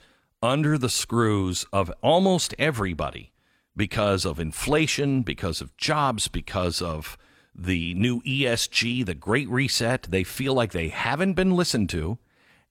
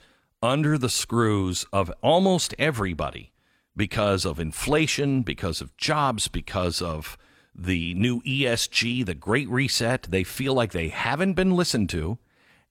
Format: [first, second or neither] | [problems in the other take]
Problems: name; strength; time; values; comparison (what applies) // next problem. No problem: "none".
neither | none